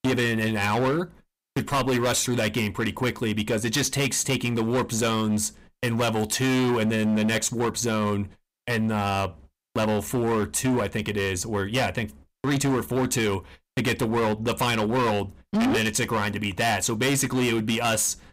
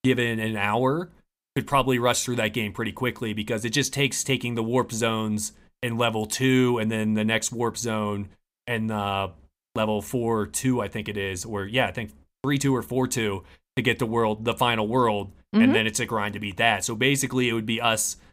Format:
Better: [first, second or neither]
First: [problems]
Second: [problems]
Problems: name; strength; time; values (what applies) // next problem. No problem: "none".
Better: second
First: distortion; heavy; 18% of the sound clipped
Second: none